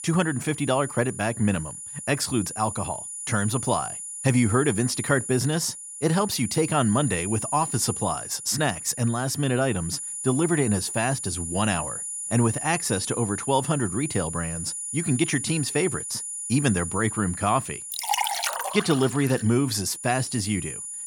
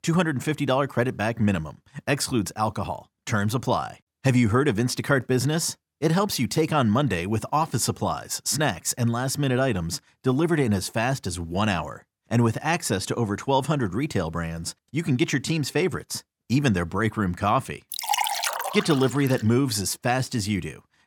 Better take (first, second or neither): second